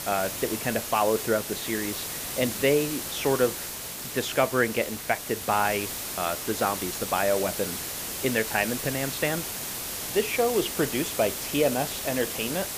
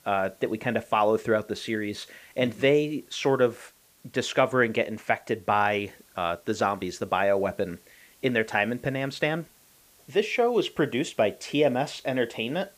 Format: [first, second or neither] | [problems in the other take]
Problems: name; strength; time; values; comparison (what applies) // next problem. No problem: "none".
second | hiss; loud; throughout; 4 dB below the speech; faint in the second